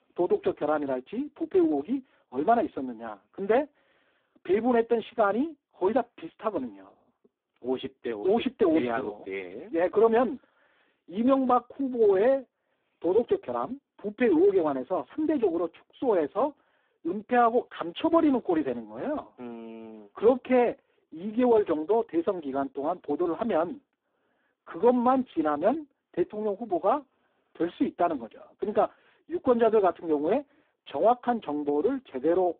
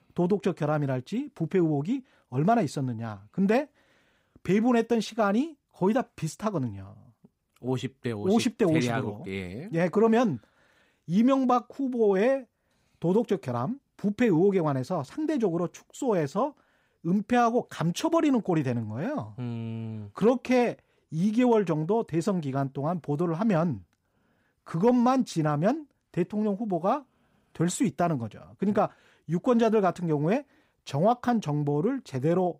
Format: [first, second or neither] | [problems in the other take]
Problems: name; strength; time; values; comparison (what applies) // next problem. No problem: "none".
second | phone-call audio; poor line